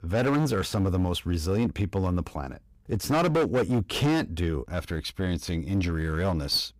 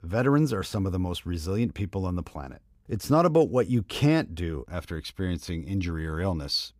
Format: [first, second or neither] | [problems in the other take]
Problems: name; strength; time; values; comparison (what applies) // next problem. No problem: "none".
second | distortion; heavy; 13% of the sound clipped